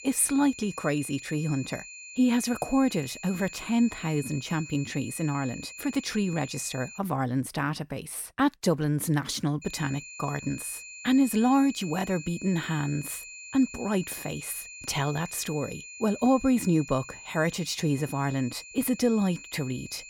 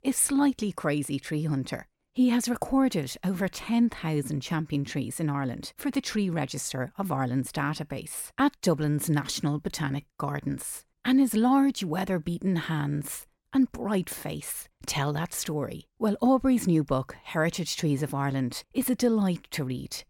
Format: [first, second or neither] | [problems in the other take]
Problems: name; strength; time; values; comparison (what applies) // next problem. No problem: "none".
second | high-pitched whine; noticeable; until 7 s and from 9.5 s on; 2.5 kHz, 15 dB below the speech